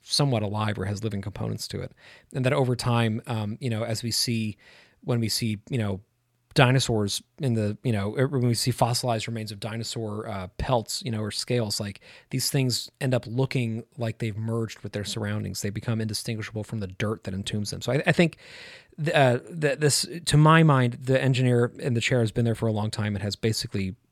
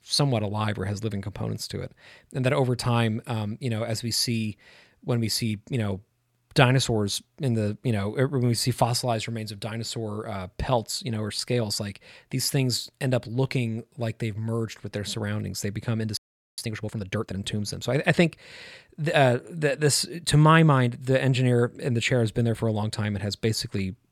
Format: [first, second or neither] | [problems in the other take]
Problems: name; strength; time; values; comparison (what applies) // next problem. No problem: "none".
first | audio freezing; at 16 s